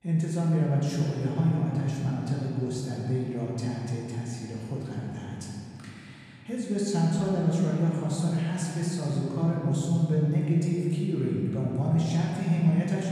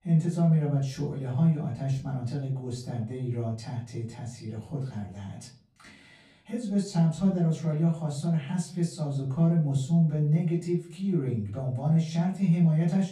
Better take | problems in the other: second | room echo; strong; dies away in 2.9 s; slight in the second // off-mic speech; far; far in the second

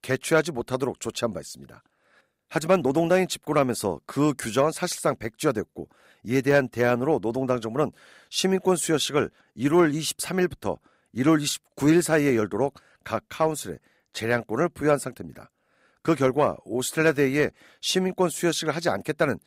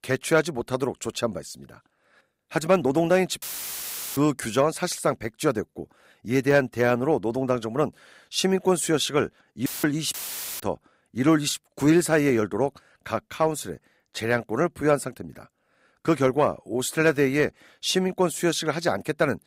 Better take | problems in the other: first | audio cutting out; filled with static; at 3.5 s for 1 s, at 9.5 s and at 10 s

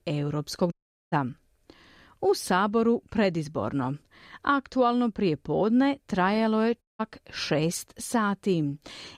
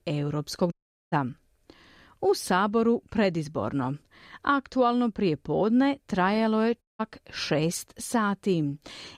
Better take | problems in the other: neither | audio cutting out; at 0.5 s and at 7 s; the same in both

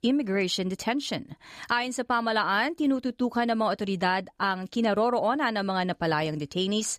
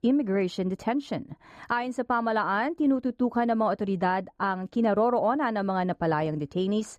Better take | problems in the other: first | muffled; slightly; fading above 2 kHz

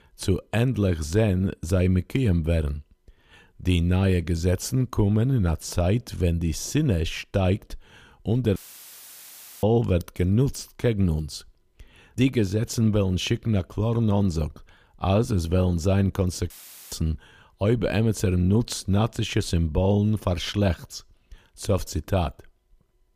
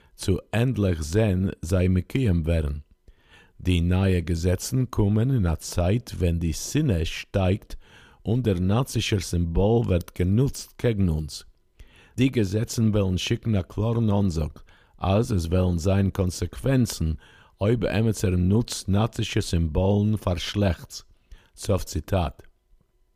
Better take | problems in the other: second | audio cutting out; filled with static; at 8.5 s for 1 s and at 17 s

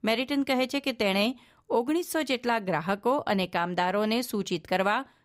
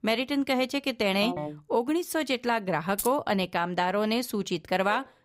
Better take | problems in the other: first | phone ringing; noticeable; at 1 s; peak 7 dB below the speech // jangling keys; noticeable; at 3 s; peak 7 dB below the speech // dog barking; very faint; at 5 s; peak 15 dB below the speech

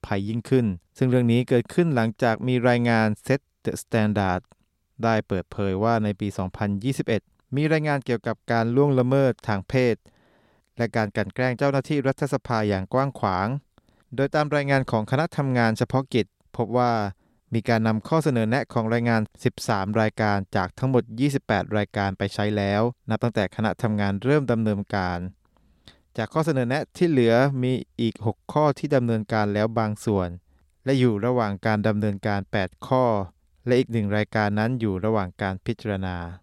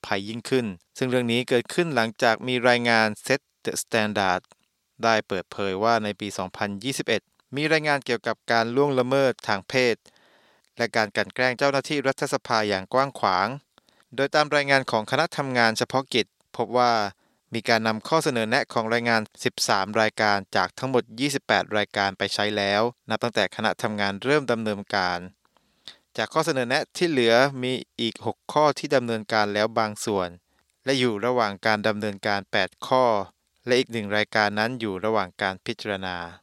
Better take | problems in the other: first | thin; somewhat; fading below 650 Hz

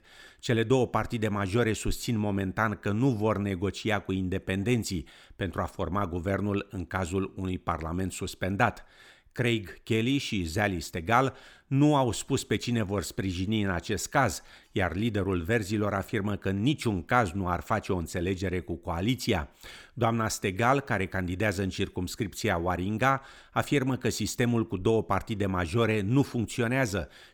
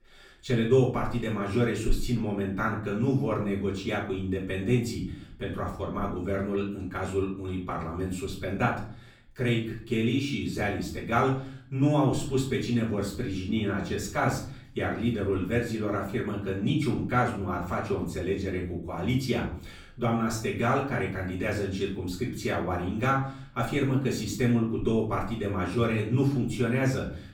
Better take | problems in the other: first | off-mic speech; far // room echo; slight; dies away in 0.5 s

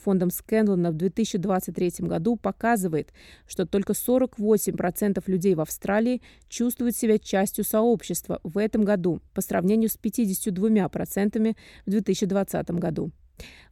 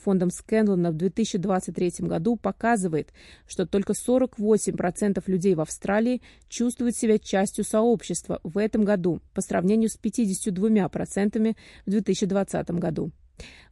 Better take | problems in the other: first | garbled, watery; slightly; nothing above 11.5 kHz

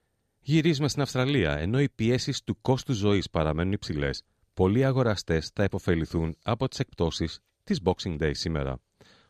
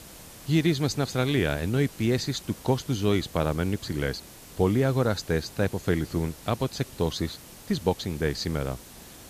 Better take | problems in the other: first | hiss; noticeable; throughout; 20 dB below the speech

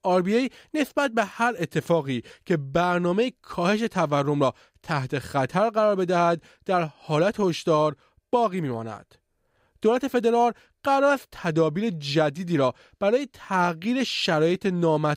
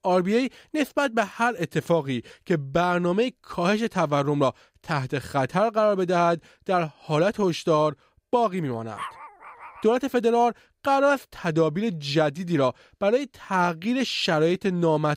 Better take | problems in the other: first | dog barking; faint; at 9 s; peak 10 dB below the speech

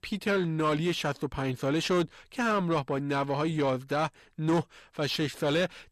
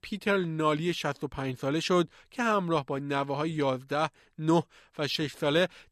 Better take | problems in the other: second | distortion; slight; 10 dB below the speech

